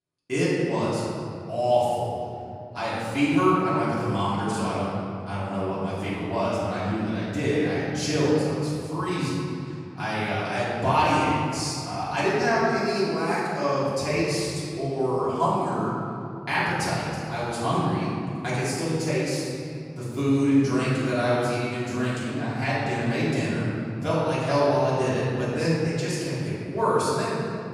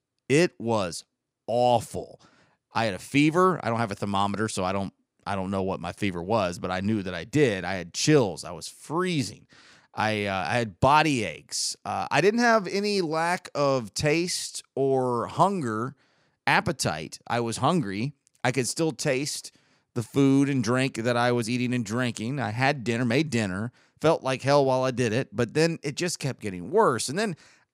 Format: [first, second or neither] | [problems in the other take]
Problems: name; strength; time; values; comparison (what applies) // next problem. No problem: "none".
second | off-mic speech; far // room echo; strong; dies away in 2.7 s